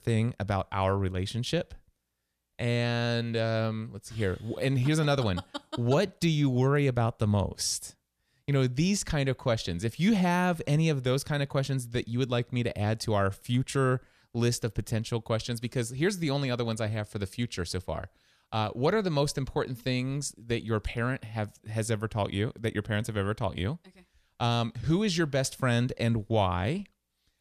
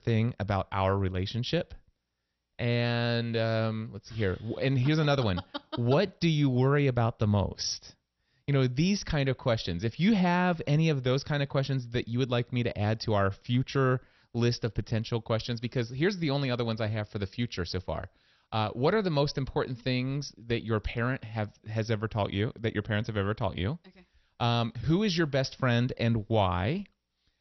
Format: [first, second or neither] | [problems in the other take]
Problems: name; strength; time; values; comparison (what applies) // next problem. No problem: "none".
first | garbled, watery; slightly; nothing above 6 kHz